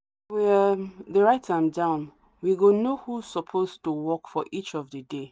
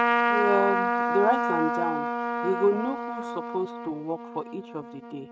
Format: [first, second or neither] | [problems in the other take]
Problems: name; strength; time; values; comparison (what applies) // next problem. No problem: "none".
first | noise reduction (neural mask model RNNoise)